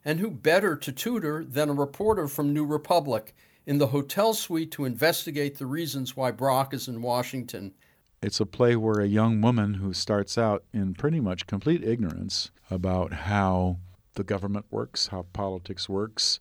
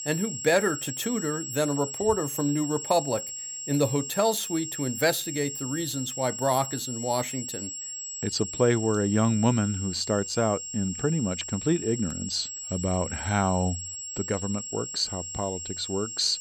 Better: first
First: none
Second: high-pitched whine; loud; throughout; 7.5 kHz, 6 dB below the speech

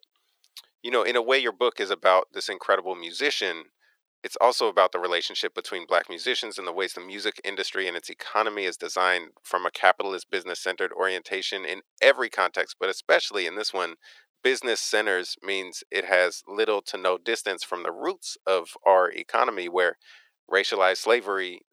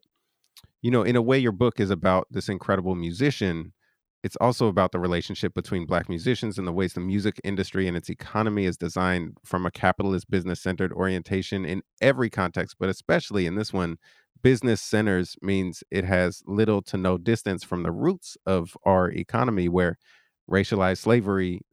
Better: second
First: thin; very; fading below 450 Hz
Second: none

